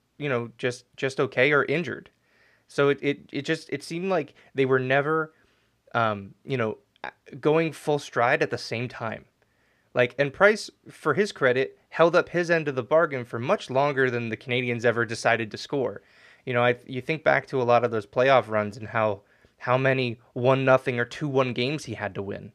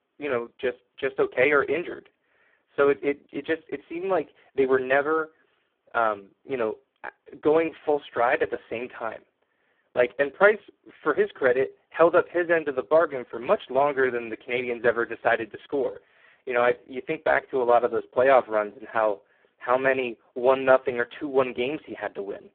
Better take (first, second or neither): first